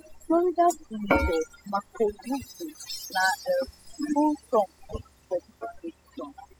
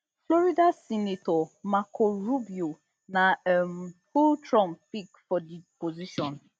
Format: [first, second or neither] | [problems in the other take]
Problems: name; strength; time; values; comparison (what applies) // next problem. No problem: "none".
second | noise reduction (classical method spectral subtraction)